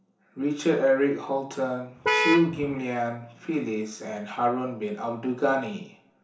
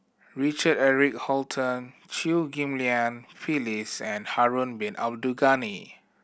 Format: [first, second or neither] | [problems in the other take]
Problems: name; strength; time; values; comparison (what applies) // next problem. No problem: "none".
second | background sound (Vehicle horn, car horn, honking); 1 dB above the speech // room echo; dies away in 0.7 s